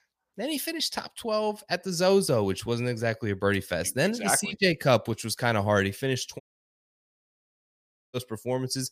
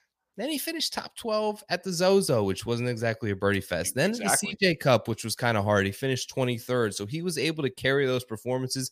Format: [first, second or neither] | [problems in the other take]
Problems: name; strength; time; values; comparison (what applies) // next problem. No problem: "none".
second | audio cutting out; at 6.5 s for 1.5 s